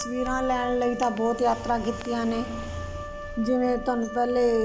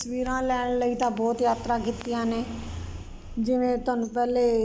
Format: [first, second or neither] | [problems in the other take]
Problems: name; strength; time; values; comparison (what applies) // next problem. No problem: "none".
second | background sound (Wind instrument, woodwind instrument); 11 dB below the speech